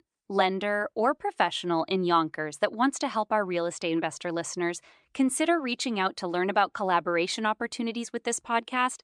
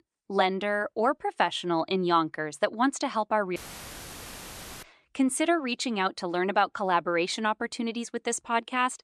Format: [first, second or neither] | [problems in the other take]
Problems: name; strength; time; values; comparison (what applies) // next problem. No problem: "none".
first | audio cutting out; filled with static; at 3.5 s for 1.5 s